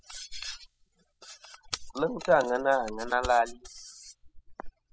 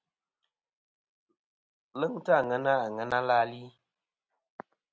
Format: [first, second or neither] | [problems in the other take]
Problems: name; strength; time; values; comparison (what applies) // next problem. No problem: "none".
second | noise reduction (classical method spectral subtraction)